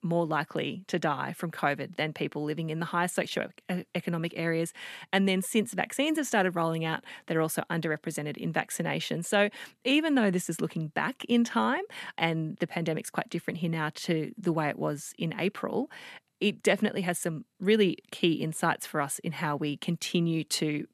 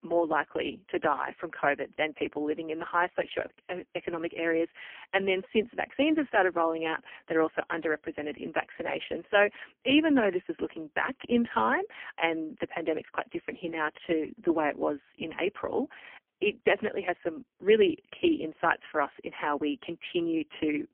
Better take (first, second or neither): first